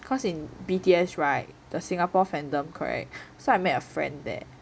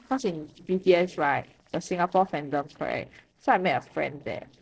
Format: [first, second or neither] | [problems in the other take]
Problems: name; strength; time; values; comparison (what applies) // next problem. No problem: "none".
first | noise reduction (neural separator model SepFormer DNS4)